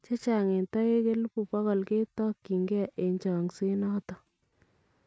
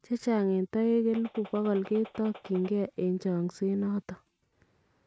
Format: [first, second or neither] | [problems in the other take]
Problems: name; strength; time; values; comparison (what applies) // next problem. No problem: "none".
first | background sound (Gunshot, gunfire); 19 dB below the speech